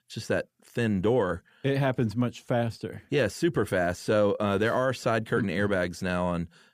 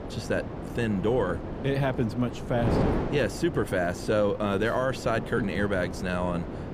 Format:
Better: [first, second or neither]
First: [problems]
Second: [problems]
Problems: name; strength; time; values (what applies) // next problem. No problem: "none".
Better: first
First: none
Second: wind noise on the microphone; heavy; 8 dB below the speech